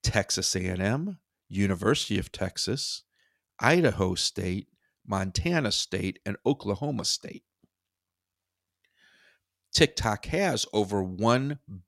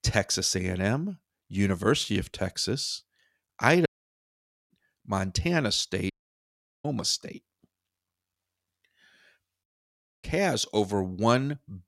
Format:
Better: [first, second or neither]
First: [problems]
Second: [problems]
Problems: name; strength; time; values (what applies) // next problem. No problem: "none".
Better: first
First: none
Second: audio cutting out; at 4 s for 1 s, at 6 s for 0.5 s and at 9.5 s for 0.5 s